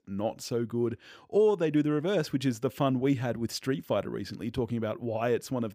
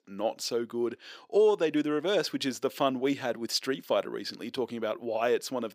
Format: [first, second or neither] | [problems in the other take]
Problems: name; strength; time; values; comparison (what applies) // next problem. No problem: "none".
first | thin; very slightly; fading below 350 Hz